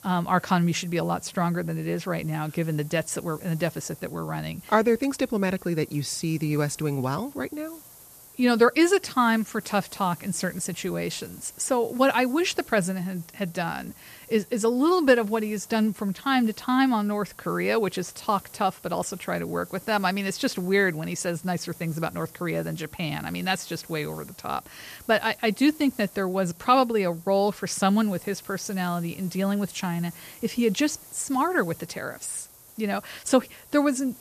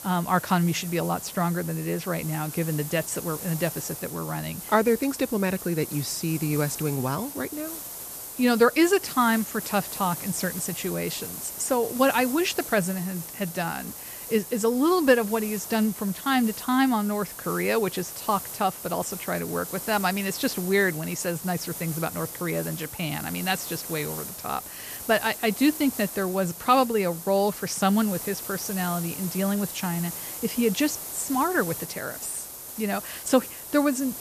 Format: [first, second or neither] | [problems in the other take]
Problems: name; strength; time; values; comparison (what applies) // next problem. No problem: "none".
first | hiss; loud; throughout; 9 dB below the speech; faint in the first